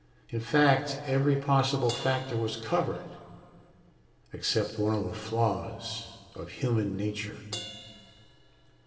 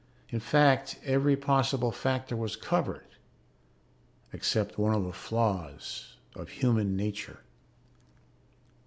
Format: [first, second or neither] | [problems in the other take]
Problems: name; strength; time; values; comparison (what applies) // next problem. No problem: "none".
second | background sound (Crash cymbal); 19 dB below the speech // room echo; dies away in 2 s